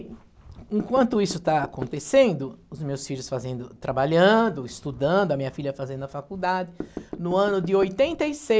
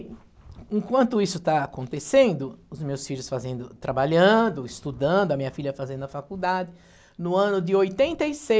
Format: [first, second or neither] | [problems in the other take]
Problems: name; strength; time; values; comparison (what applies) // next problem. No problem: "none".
second | background sound (Knock / Wood); 13 dB below the speech